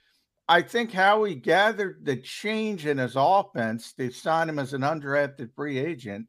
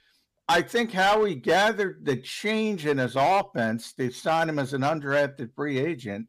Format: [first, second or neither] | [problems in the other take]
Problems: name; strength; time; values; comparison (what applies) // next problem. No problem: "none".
first | distortion; slight; 6% of the sound clipped